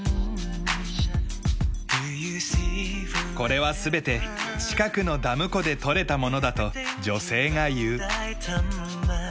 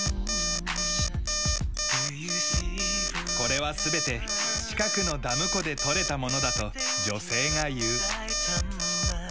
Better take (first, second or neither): first